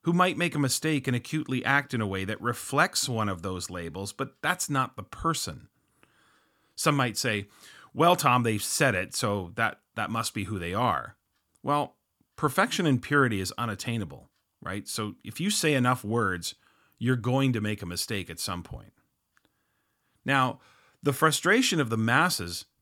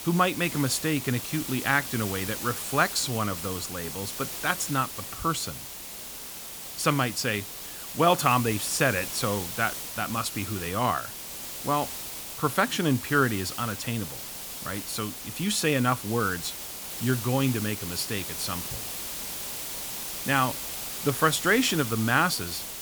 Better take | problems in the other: first | hiss; loud; throughout; 7 dB below the speech

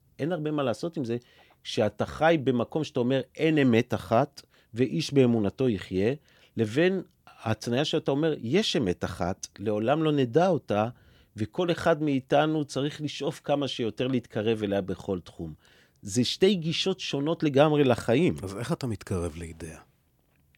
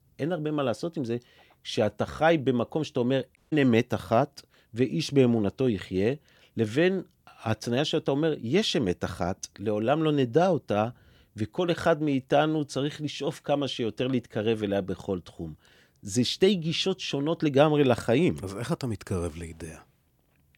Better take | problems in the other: first | audio cutting out; at 3.5 s

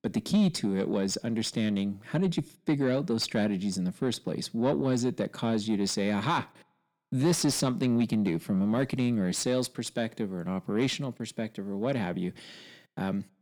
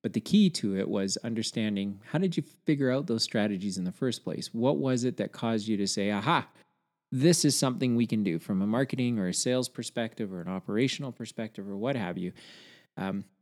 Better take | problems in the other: second | distortion; slight; 10 dB below the speech

